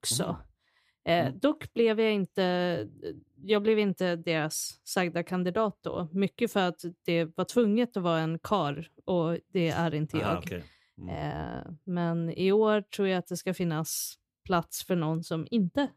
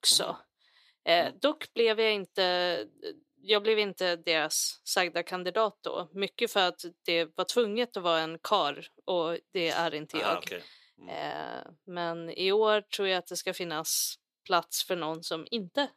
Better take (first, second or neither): first